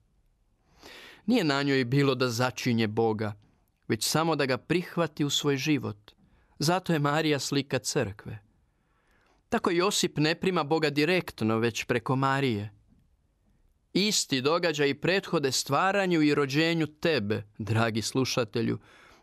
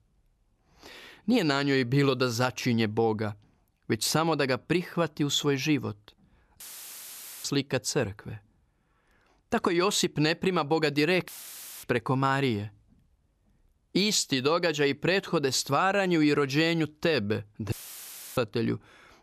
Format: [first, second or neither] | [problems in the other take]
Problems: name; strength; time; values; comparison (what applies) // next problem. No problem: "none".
first | audio cutting out; filled with static; at 6.5 s for 1 s, at 11 s for 0.5 s and at 18 s for 0.5 s